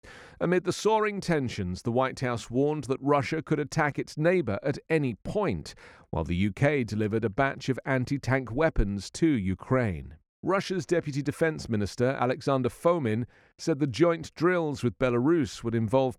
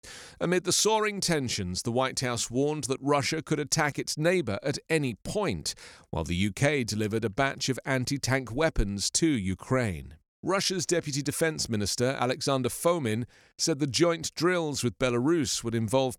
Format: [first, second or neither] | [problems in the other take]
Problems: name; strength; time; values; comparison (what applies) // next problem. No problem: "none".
second | muffled; slightly; fading above 3 kHz